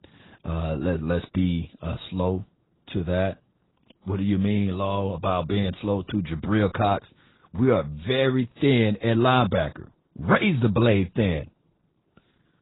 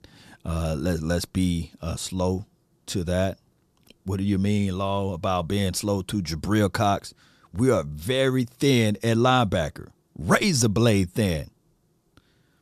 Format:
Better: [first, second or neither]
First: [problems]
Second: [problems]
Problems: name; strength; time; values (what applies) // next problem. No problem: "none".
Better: second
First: garbled, watery; badly; nothing above 4 kHz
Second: none